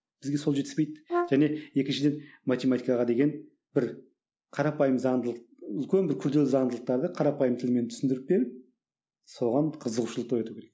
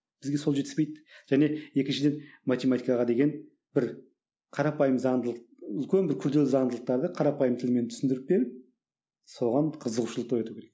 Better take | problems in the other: second | background sound (Brass instrument); 6 dB below the speech

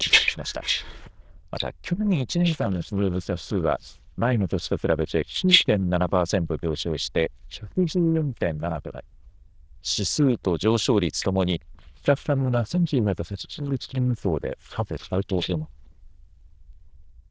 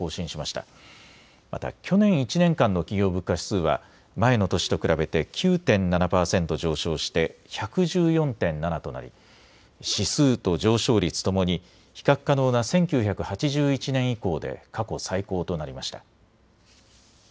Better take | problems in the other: second | noise reduction (neural diffusion model UNIVERSE++)

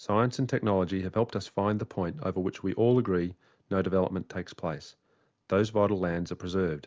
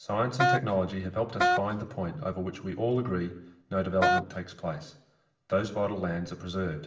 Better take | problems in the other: first | background sound (Wind instrument, woodwind instrument); 3 dB above the speech // room echo; dies away in 0.7 s

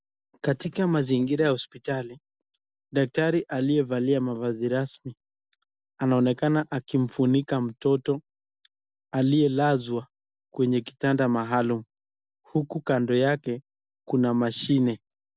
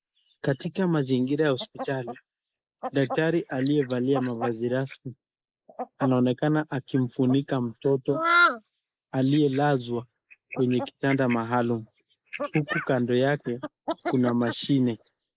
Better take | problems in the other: first | noise reduction (neural mask model Resemble Enhance denoiser)

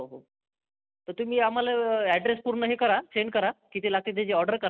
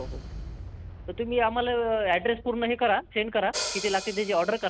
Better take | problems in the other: first | background sound (Hi-hat + Boom); 11 dB below the speech

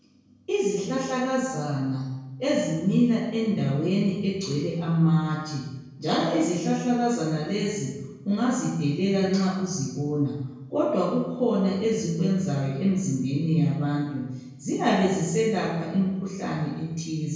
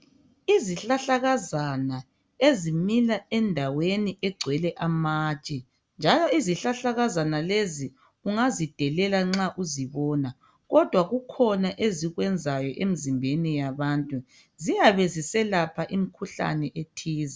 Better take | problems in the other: second | room echo; dies away in 1 s

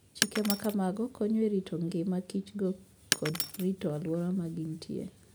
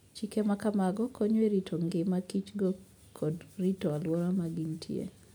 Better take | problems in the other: second | background sound (Shatter); 5 dB below the speech

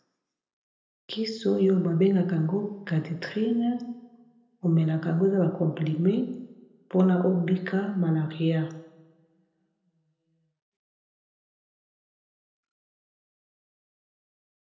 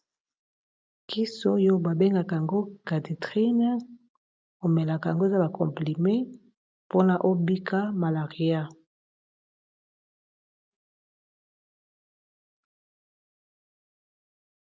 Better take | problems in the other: second | room echo; dies away in 0.7 s

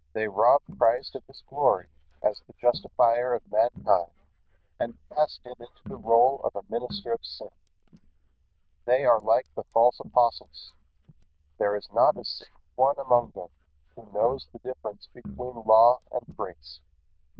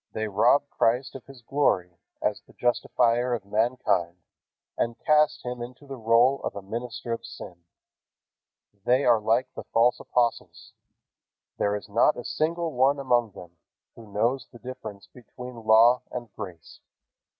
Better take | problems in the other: second | noise reduction (neural diffusion model UNIVERSE++)

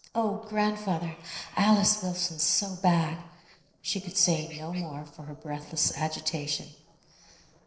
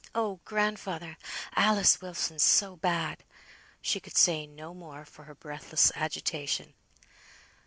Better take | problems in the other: second | noise reduction (neural separator model SepFormer DNS4)

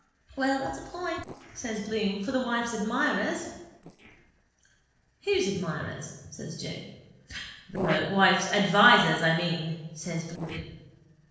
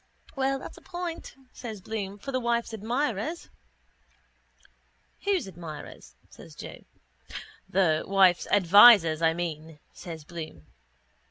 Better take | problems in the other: second | noise reduction (neural separator model SepFormer DNS4)

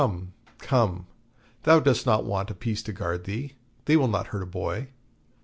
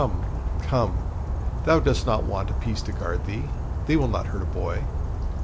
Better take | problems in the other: first | background sound (Bird vocalization, bird call, bird song); 1 dB above the speech

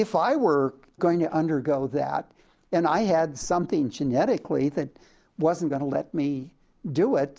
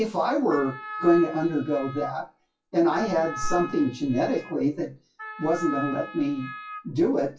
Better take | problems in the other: first | noise reduction (classical method WPE with log-MMSE)

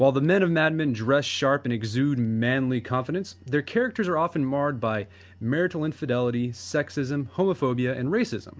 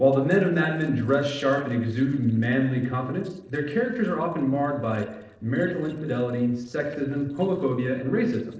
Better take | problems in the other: first | noise reduction (neural separator model SepFormer DNS4)

